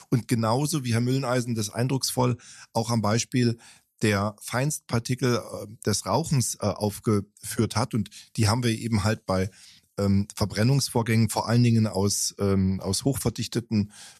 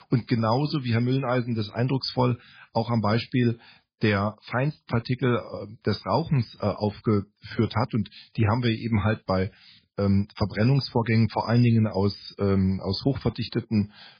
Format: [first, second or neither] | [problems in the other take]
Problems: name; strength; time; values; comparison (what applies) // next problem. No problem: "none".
first | garbled, watery; badly; nothing above 5 kHz